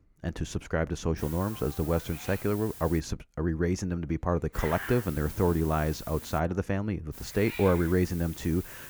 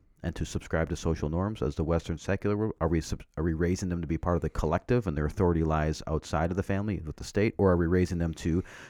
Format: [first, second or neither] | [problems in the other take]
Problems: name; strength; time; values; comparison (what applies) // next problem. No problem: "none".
second | hiss; noticeable; from 1 to 3 s, from 4.5 to 6.5 s and from 7 s on; 10 dB below the speech